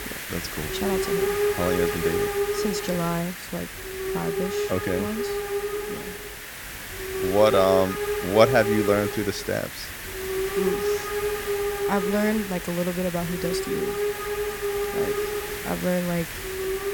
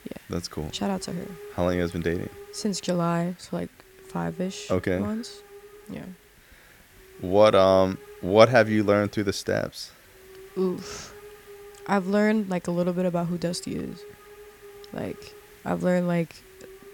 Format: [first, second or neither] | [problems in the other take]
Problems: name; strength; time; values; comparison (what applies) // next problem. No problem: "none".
second | hiss; loud; throughout; 2 dB below the speech; faint in the second